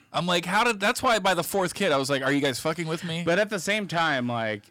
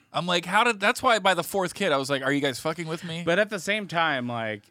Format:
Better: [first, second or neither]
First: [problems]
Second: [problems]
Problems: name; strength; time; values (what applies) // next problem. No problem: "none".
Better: second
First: distortion; slight; 10 dB below the speech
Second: none